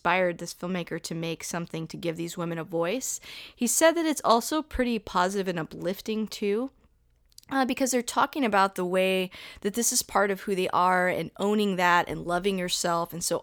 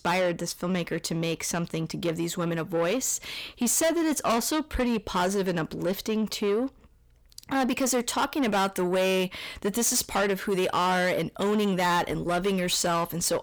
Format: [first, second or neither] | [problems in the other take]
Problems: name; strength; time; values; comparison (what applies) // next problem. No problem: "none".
first | distortion; heavy; 7 dB below the speech